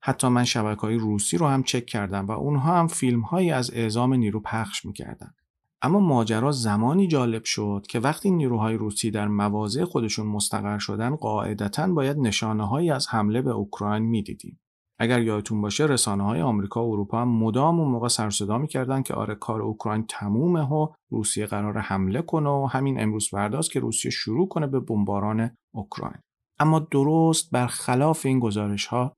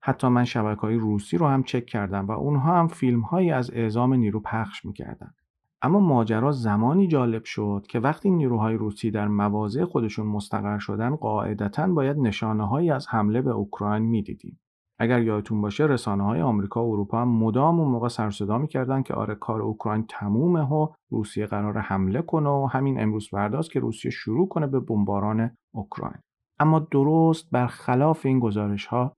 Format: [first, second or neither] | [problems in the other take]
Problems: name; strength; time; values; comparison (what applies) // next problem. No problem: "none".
first | muffled; very; fading above 3.5 kHz